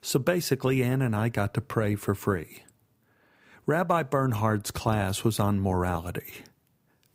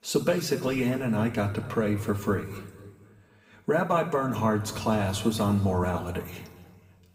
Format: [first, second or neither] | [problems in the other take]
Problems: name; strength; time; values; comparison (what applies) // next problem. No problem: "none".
first | room echo; slight; dies away in 1.5 s // off-mic speech; somewhat distant